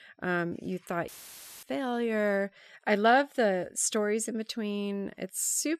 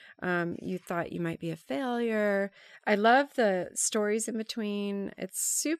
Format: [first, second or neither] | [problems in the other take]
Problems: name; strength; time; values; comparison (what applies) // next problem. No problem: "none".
second | audio cutting out; filled with static; at 1 s for 0.5 s